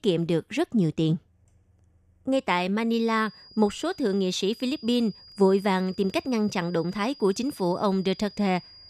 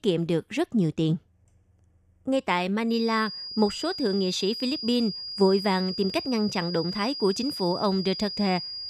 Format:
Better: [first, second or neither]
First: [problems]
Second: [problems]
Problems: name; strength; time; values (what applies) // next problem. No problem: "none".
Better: first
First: high-pitched whine; faint; from 3 s on; 5 kHz, 20 dB below the speech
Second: high-pitched whine; loud; from 3 s on; 5 kHz, 7 dB below the speech